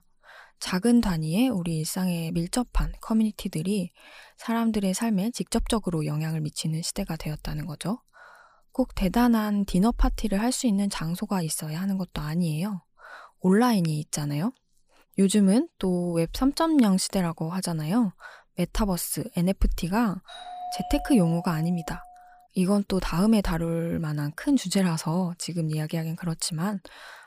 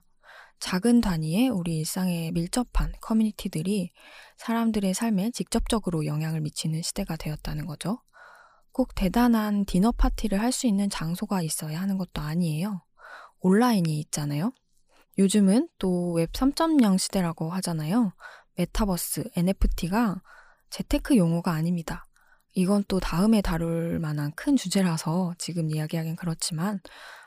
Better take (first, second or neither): second